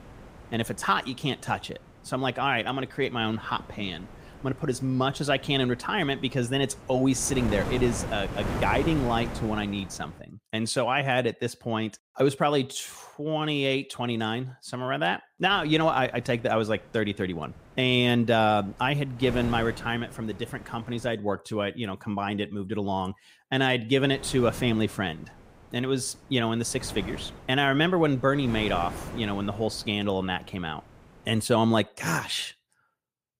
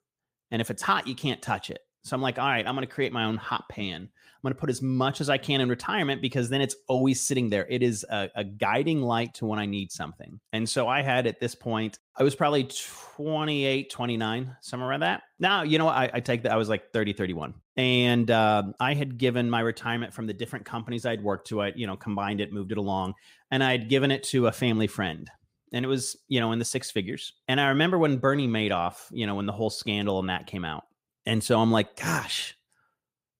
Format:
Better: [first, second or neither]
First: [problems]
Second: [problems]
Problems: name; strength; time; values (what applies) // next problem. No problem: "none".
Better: second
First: wind noise on the microphone; occasional gusts; until 10 s, from 16 to 21 s and from 24 to 31 s; 15 dB below the speech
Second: none